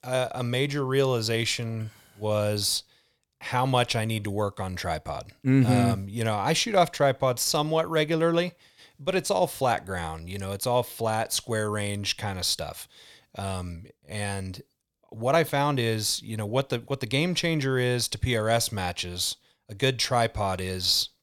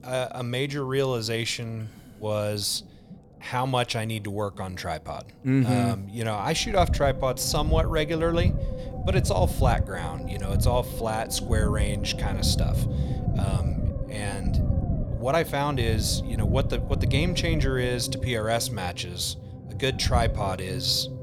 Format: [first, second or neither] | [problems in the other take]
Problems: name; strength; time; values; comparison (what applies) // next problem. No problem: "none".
first | low rumble; noticeable; throughout; 10 dB below the speech